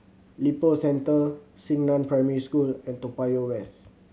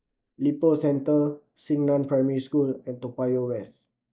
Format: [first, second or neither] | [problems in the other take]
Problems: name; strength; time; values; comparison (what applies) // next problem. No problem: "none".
first | noise reduction (neural mask model DeepFilterNet 3)